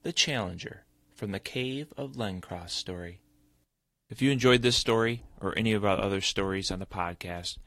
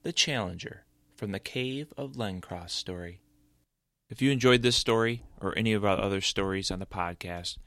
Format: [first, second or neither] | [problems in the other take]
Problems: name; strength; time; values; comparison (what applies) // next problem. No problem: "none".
second | garbled, watery; slightly; nothing above 16 kHz